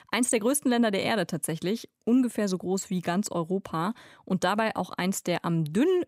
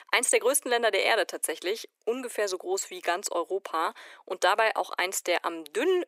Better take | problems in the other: first | thin; very; fading below 350 Hz

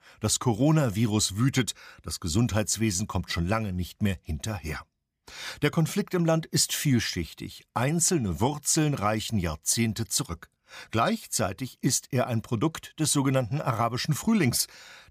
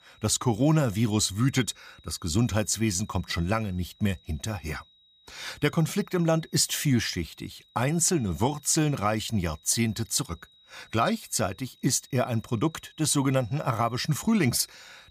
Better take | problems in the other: first | high-pitched whine; faint; throughout; 4 kHz, 30 dB below the speech

